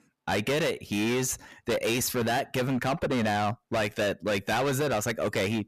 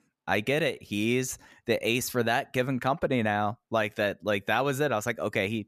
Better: second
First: distortion; heavy; 22% of the sound clipped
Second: none

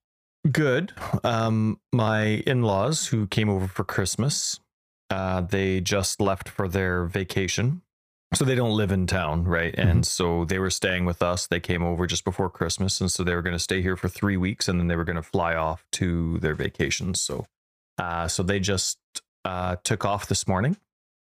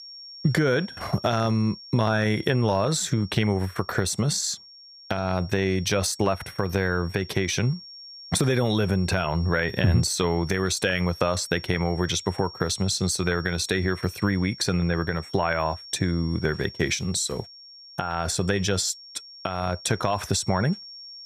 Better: first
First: none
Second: high-pitched whine; noticeable; throughout; 5.5 kHz, 15 dB below the speech

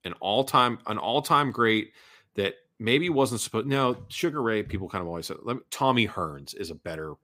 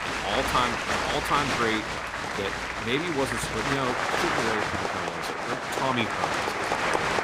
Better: first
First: none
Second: crowd noise; very loud; throughout; 3 dB above the speech

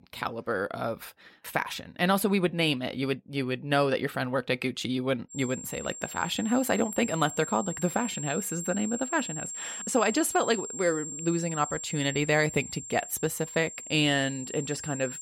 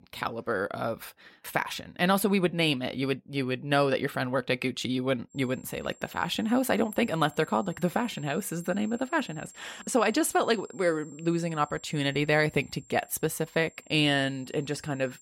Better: second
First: high-pitched whine; loud; from 5.5 s on; 7.5 kHz, 8 dB below the speech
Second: high-pitched whine; faint; from 5.5 s on; 7.5 kHz, 25 dB below the speech

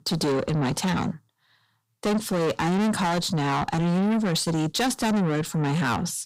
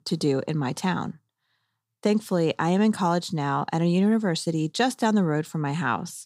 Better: second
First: distortion; heavy; 6 dB below the speech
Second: none

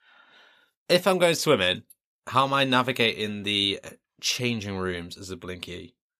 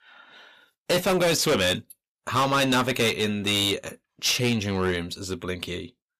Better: first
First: none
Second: distortion; heavy; 11% of the sound clipped

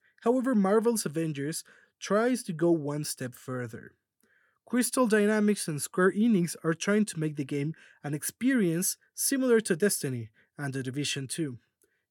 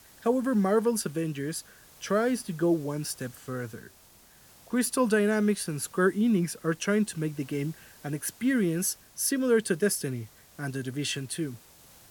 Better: first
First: none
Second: hiss; faint; throughout; 25 dB below the speech

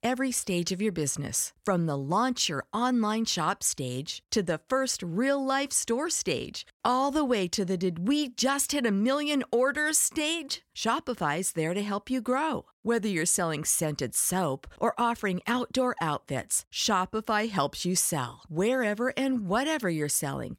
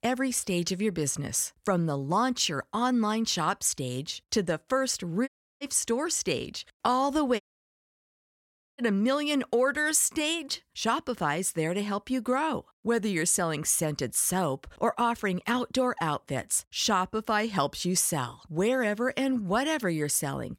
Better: first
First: none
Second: audio cutting out; at 5.5 s and at 7.5 s for 1.5 s

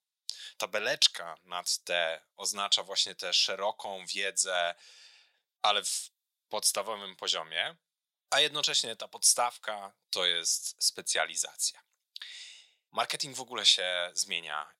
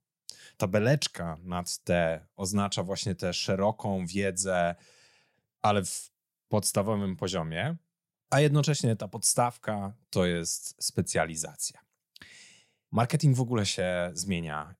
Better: second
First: thin; very; fading below 800 Hz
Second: none

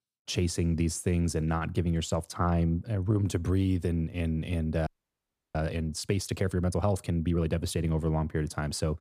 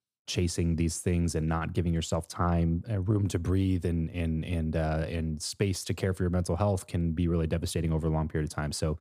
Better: second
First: audio freezing; at 5 s for 0.5 s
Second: none

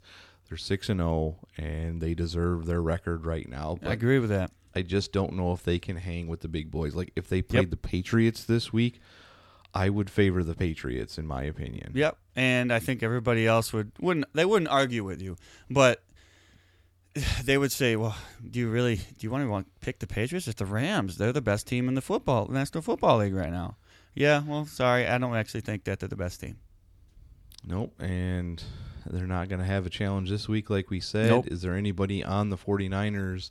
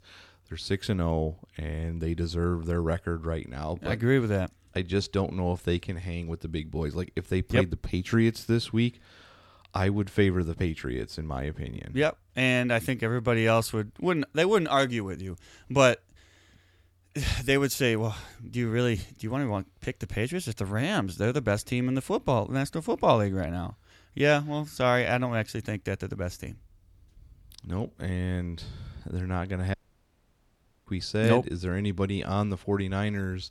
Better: first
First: none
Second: audio cutting out; at 30 s for 1 s

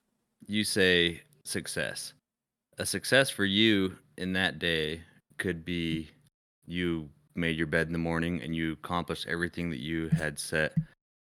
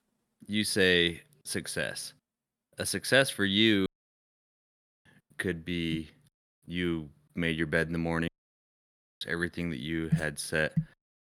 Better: first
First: none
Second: audio cutting out; at 4 s for 1 s and at 8.5 s for 1 s

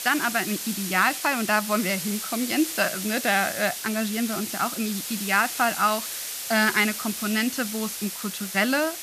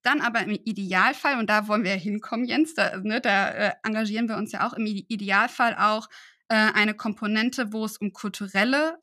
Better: second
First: hiss; loud; throughout; 5 dB below the speech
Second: none

